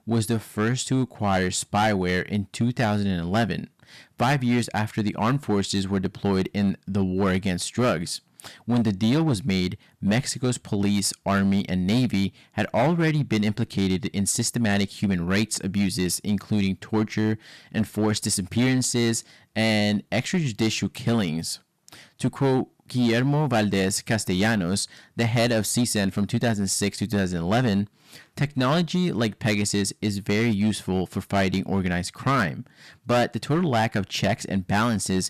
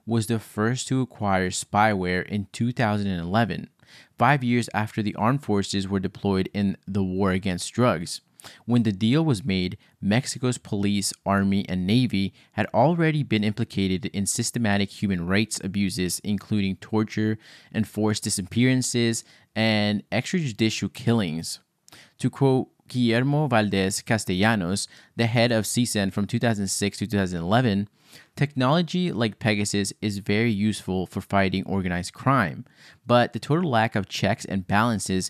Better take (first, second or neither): second